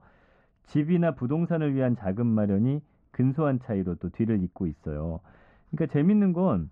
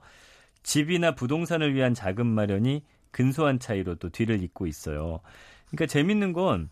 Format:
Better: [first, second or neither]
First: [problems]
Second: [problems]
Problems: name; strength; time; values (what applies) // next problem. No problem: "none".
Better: second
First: muffled; very; fading above 1 kHz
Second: none